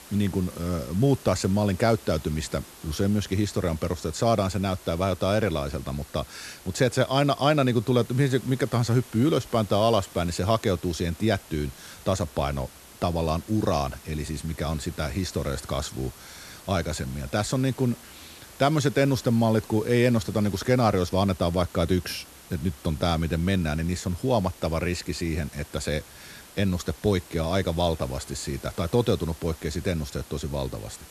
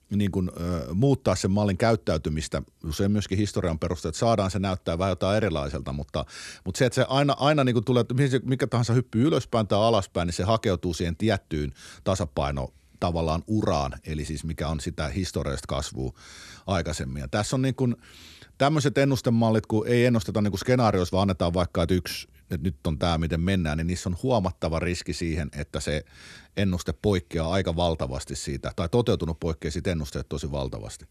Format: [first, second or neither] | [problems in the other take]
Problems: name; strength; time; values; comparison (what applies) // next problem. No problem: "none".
second | hiss; noticeable; throughout; 20 dB below the speech